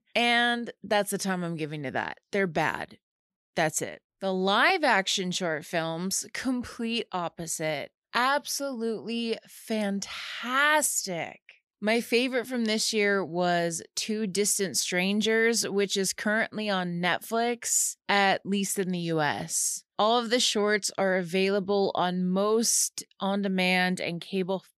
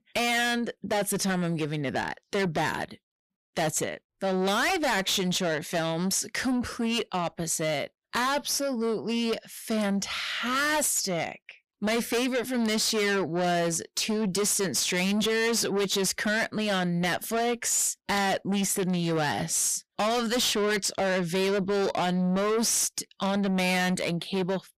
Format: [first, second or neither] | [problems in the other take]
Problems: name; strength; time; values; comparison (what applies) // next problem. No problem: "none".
first | distortion; heavy; 6 dB below the speech